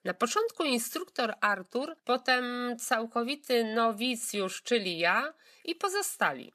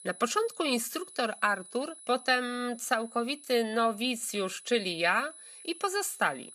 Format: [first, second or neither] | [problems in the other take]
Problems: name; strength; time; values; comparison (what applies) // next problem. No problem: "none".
first | high-pitched whine; noticeable; throughout; 10 kHz, 20 dB below the speech